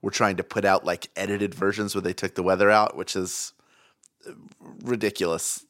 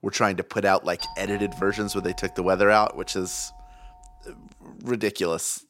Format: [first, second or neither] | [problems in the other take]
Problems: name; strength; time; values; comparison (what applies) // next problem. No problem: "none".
first | doorbell; faint; from 1 to 4.5 s; peak 10 dB below the speech